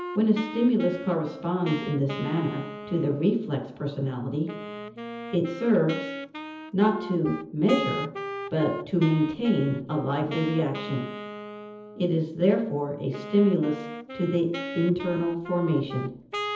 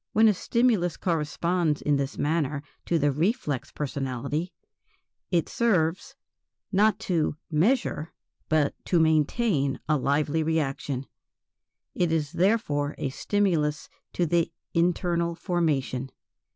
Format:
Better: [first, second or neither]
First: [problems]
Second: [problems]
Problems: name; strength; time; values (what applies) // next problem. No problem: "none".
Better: second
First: background sound (Wind instrument, woodwind instrument); 11 dB below the speech // room echo; dies away in 0.7 s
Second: none